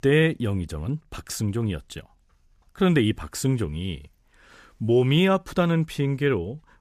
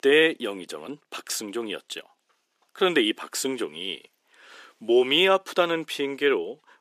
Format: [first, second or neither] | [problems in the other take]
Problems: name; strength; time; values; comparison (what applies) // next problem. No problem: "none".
first | thin; very; fading below 300 Hz